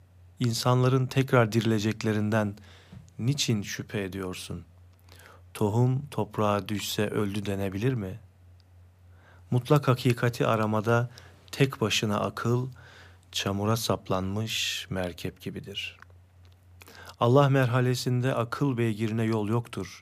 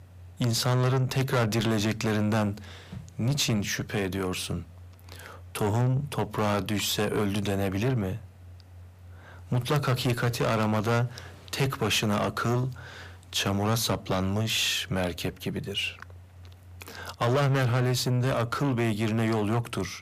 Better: first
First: none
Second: distortion; heavy; 6 dB below the speech

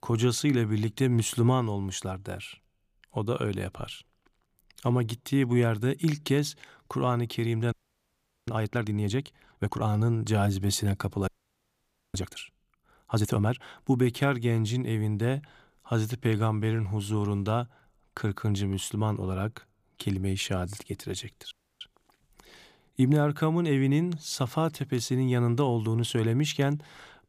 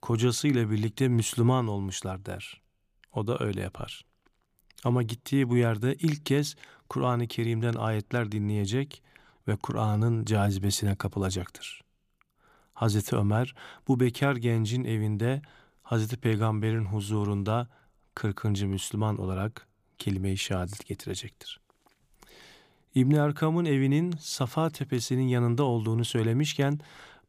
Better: second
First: audio freezing; at 7.5 s for 1 s, at 11 s for 1 s and at 22 s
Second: none

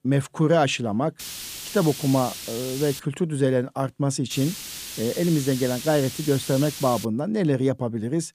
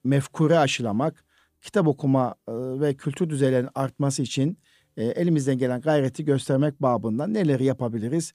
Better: second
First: hiss; loud; from 1 to 3 s and from 4.5 to 7 s; 9 dB below the speech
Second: none

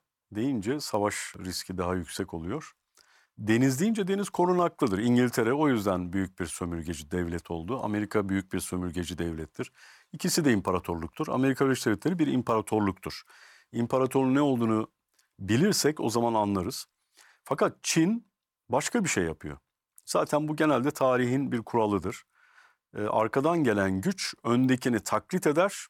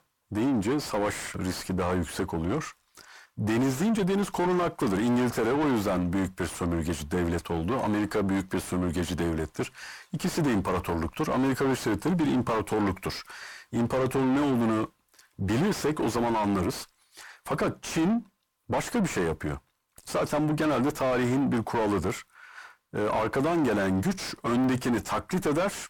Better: first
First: none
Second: distortion; heavy; 5 dB below the speech

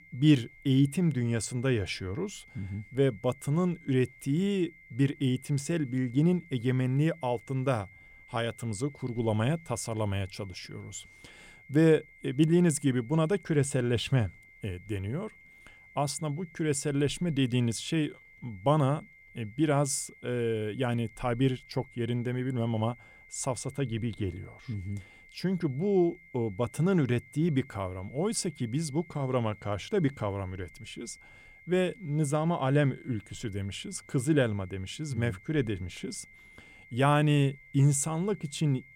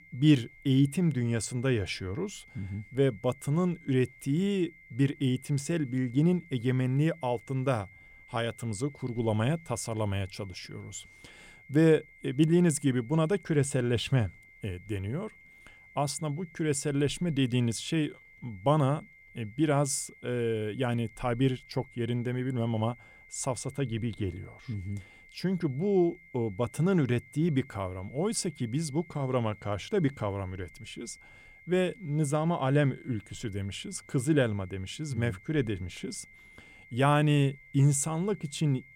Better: neither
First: high-pitched whine; faint; throughout; 2 kHz, 25 dB below the speech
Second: high-pitched whine; faint; throughout; 2 kHz, 25 dB below the speech

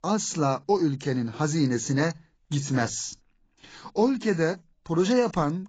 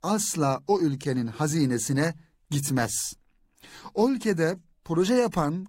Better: second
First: garbled, watery; badly; nothing above 7.5 kHz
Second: garbled, watery; slightly; nothing above 15.5 kHz

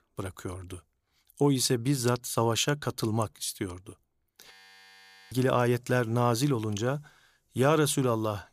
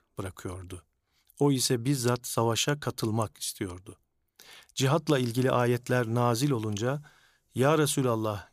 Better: second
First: audio freezing; at 4.5 s for 1 s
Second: none

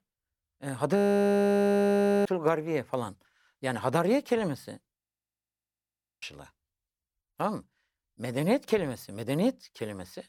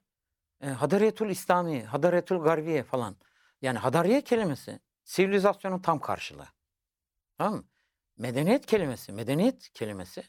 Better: second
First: audio freezing; at 1 s for 1.5 s and at 5 s for 1 s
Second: none

